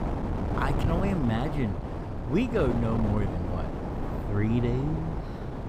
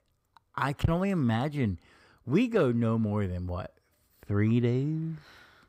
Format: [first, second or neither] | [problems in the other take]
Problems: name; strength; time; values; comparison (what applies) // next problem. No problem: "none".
second | wind noise on the microphone; heavy; 3 dB below the speech